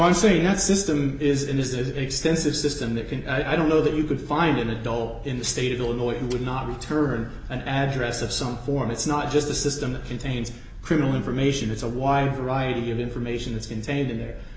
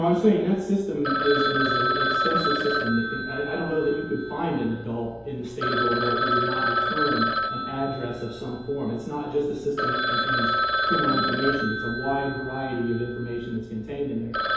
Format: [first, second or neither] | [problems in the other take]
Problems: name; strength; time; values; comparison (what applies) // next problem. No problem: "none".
first | background sound (Telephone); 1 dB below the speech // room echo; dies away in 2.2 s